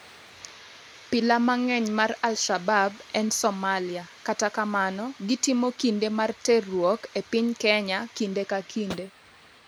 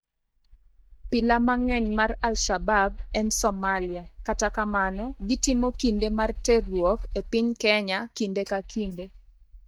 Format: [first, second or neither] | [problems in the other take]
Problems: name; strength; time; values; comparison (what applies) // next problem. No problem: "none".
first | noise reduction (neural mask model DeepFilterNet 3)